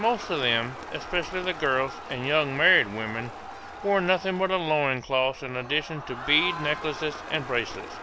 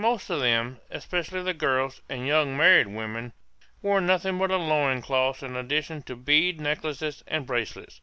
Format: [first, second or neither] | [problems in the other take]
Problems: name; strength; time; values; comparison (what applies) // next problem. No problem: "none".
second | background sound (Crowd); 12 dB below the speech